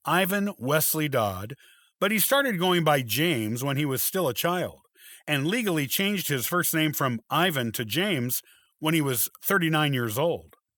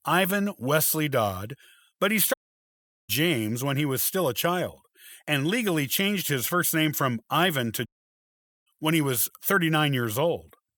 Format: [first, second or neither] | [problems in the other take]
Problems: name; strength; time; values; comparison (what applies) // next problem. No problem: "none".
first | audio cutting out; at 2.5 s for 0.5 s and at 8 s for 1 s